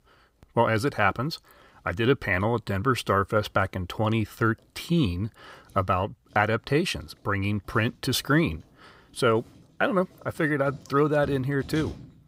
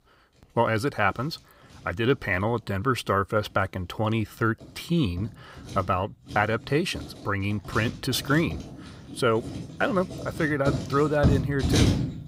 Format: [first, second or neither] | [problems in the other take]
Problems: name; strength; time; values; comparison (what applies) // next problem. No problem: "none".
first | household noises; loud; throughout; 4 dB below the speech; faint in the first